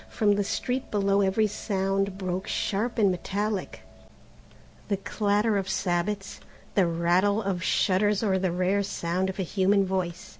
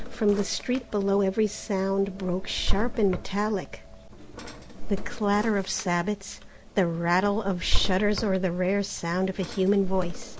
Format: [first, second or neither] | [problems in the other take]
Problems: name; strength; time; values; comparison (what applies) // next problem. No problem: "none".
first | background sound (Drawer open or close); 3 dB below the speech